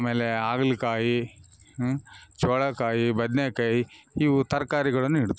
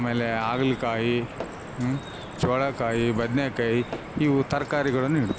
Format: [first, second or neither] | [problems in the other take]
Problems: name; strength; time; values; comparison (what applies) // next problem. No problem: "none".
first | background sound (Drip + Tap / Hammer); 12 dB below the speech